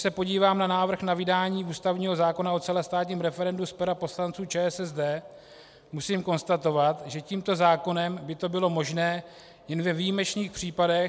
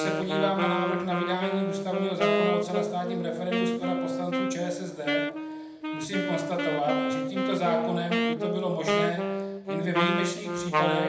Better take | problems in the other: first | background sound (Wind instrument, woodwind instrument); 2 dB above the speech // room echo; dies away in 0.8 s

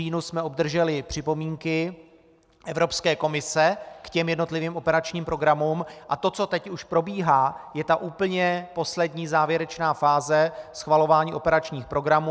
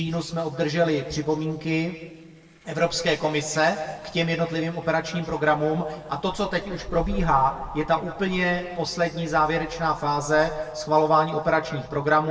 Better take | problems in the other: first | noise reduction (neural separator model SepFormer DNS4)

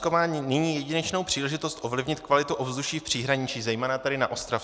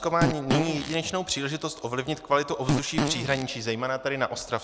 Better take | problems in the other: first | background sound (Fart); 2 dB below the speech

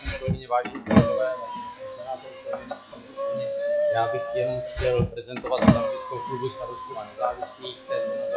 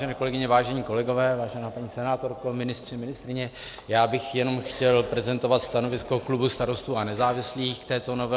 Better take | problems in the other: second | noise reduction (classical method log-MMSE)

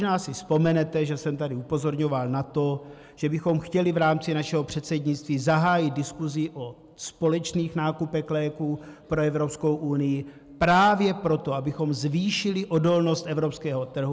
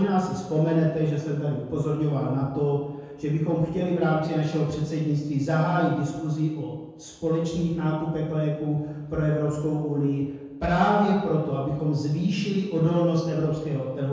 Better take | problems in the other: first | room echo; dies away in 1.2 s

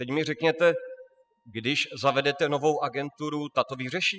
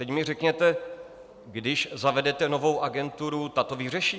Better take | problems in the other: second | noise reduction (classical method spectral subtraction)

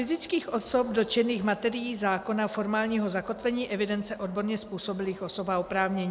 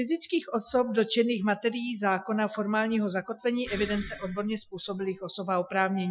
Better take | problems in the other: first | noise reduction (classical method Wiener filter)

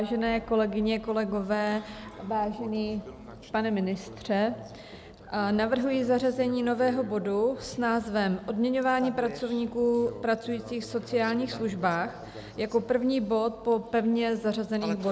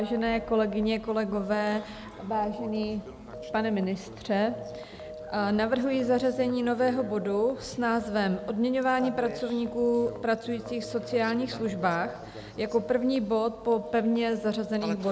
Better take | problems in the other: first | background sound (Telephone); 15 dB below the speech

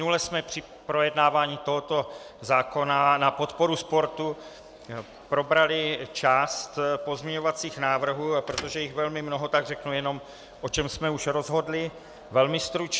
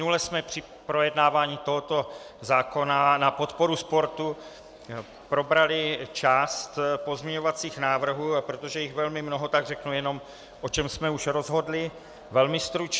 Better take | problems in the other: second | background sound (Thump, thud); 18 dB below the speech

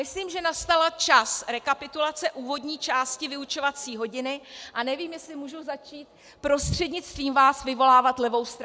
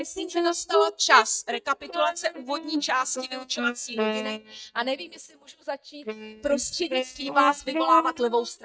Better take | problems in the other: first | noise reduction (neural mask model DeepFilterNet 3)

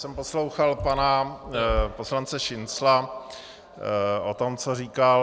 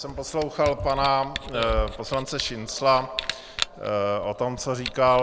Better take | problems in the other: first | background sound (Camera); 12 dB below the speech

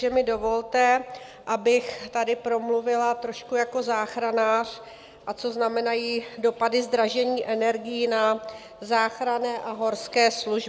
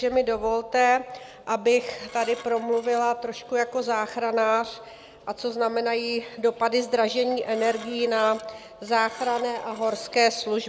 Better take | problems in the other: first | background sound (Dishes, pots, and pans / Glass); 20 dB below the speech

